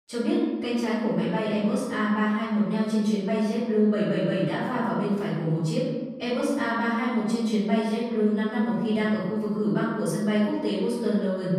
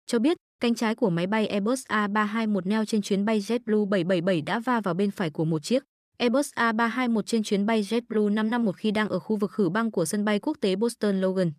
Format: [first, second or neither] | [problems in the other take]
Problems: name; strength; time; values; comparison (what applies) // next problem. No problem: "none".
second | off-mic speech; far // room echo; noticeable; dies away in 1.2 s